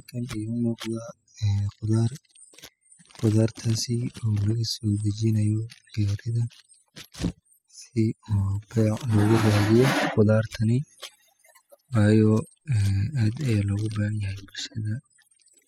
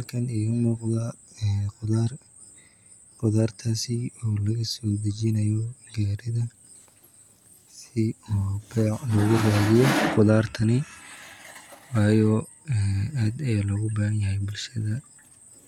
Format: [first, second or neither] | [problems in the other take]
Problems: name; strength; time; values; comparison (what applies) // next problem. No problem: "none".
second | noise reduction (classical method spectral subtraction)